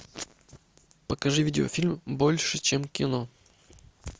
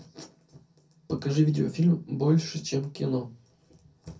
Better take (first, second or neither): first